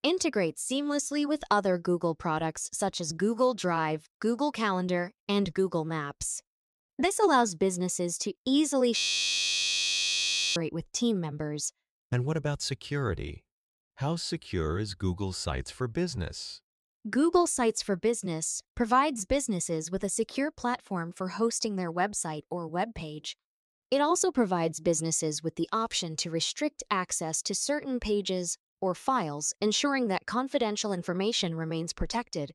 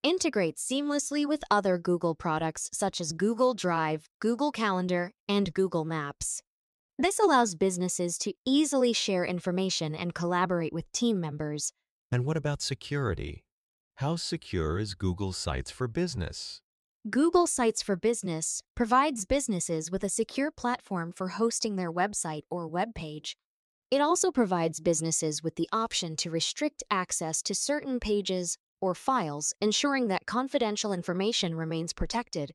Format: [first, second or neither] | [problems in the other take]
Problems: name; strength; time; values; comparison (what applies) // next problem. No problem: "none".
second | audio freezing; at 9 s for 1.5 s